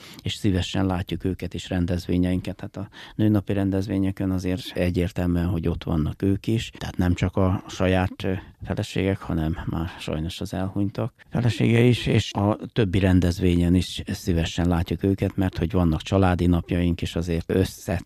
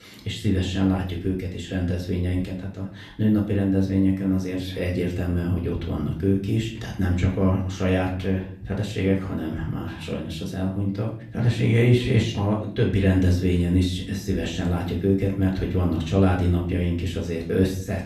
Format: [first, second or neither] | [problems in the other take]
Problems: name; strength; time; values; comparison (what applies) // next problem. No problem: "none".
first | room echo; slight; dies away in 0.5 s // off-mic speech; far